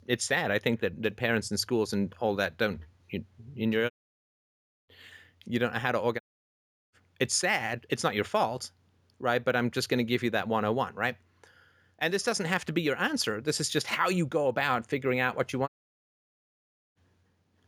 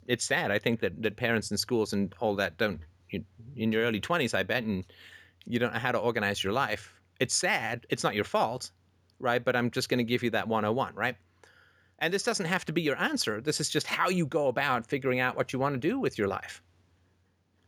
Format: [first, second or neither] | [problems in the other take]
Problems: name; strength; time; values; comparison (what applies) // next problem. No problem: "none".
second | audio cutting out; at 4 s for 1 s, at 6 s for 0.5 s and at 16 s for 1.5 s